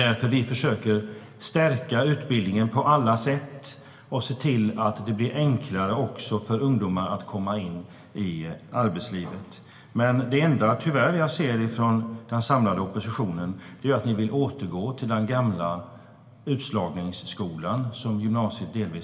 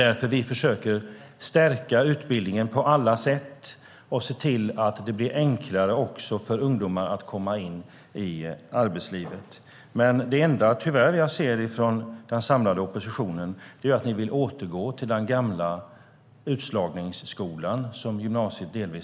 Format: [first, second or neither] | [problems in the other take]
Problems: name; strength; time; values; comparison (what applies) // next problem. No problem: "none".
second | room echo; dies away in 1.3 s